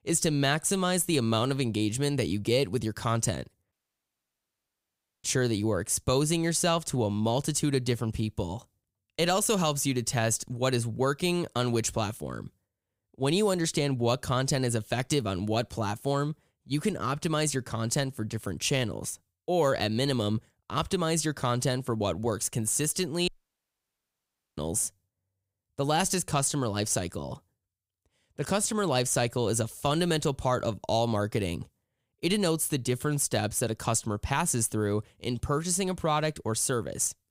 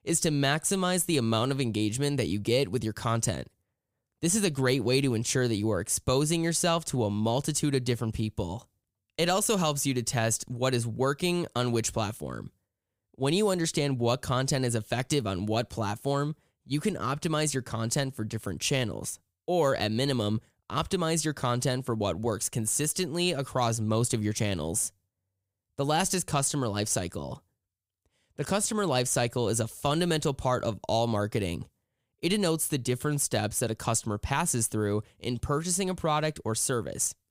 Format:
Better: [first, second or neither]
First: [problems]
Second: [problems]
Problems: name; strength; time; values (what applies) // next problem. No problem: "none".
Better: second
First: audio cutting out; at 3.5 s for 1.5 s and at 23 s for 1.5 s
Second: none